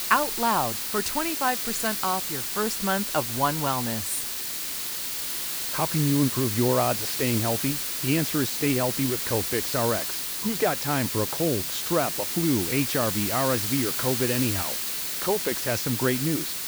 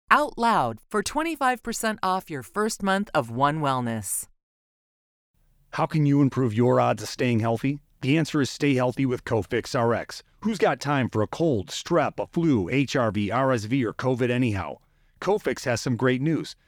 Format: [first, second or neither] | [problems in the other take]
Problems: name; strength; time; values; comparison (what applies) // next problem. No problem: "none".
second | hiss; loud; throughout; as loud as the speech